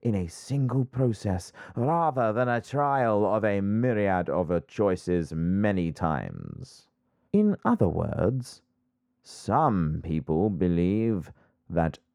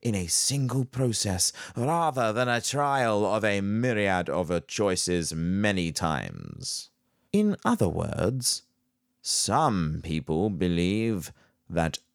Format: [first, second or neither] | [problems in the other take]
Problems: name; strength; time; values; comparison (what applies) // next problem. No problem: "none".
second | muffled; very; fading above 2.5 kHz